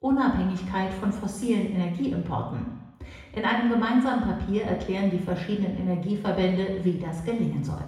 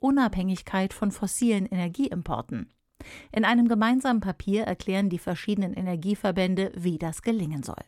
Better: second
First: room echo; noticeable; dies away in 1 s // off-mic speech; far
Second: none

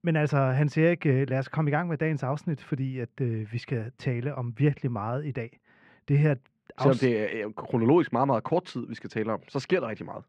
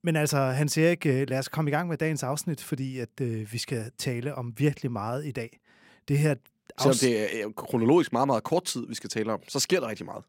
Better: second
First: muffled; very; fading above 2 kHz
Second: none

